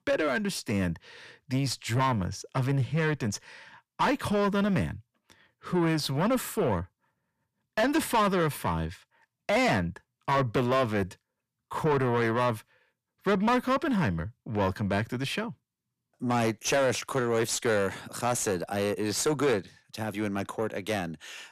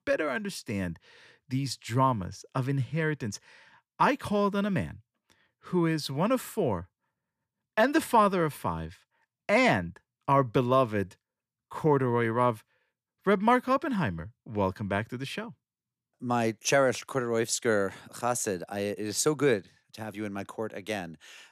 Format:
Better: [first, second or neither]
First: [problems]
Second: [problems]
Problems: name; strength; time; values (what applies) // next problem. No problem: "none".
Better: second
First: distortion; heavy; 7 dB below the speech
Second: none